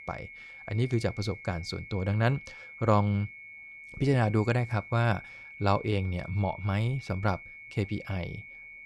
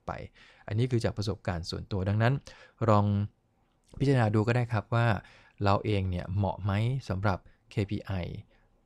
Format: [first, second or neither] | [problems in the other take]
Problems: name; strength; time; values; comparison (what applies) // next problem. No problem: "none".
second | high-pitched whine; noticeable; throughout; 2 kHz, 15 dB below the speech